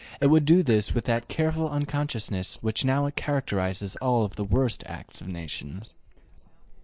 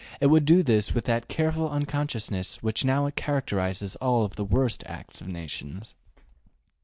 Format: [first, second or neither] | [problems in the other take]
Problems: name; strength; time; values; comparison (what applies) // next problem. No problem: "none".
second | noise reduction (neural mask model Resemble Enhance denoiser)